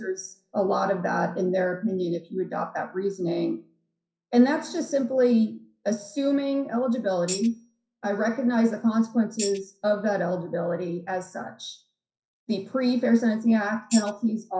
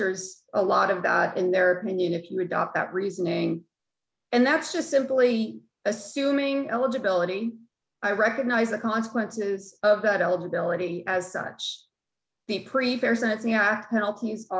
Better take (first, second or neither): second